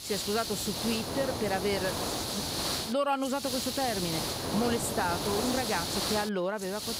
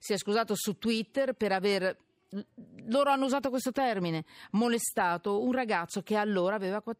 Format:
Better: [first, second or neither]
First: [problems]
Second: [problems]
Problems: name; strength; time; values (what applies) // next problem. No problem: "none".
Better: second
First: hiss; loud; throughout; 1 dB below the speech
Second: none